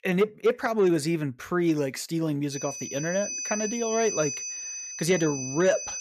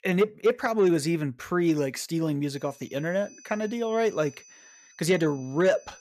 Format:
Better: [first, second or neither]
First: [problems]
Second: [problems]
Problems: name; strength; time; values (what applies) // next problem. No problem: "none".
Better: second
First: high-pitched whine; loud; from 2.5 s on; 6 kHz, 6 dB below the speech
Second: high-pitched whine; faint; from 2.5 s on; 6 kHz, 25 dB below the speech